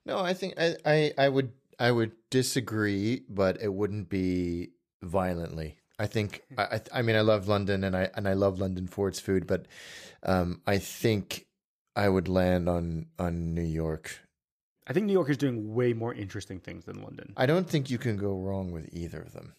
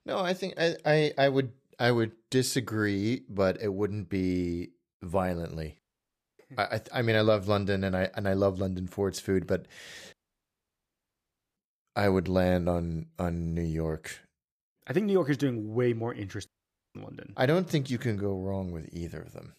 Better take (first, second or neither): first